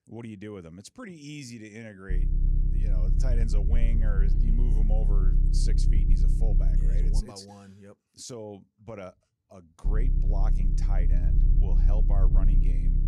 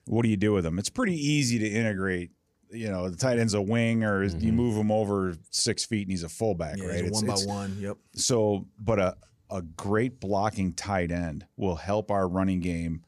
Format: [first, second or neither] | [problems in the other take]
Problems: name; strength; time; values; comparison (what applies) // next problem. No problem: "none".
second | low rumble; loud; from 2 to 7 s and from 10 s on; 2 dB below the speech